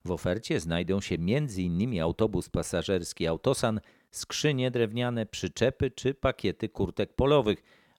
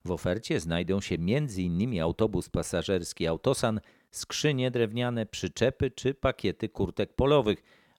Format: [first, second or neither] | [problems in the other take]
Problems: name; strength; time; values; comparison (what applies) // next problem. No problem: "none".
neither | none